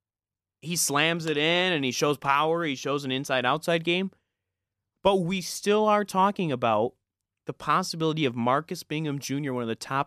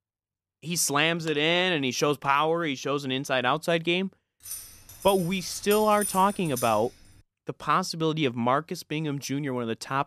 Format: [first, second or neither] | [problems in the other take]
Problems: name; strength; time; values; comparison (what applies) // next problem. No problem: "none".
first | jangling keys; noticeable; from 4.5 to 7 s; peak 6 dB below the speech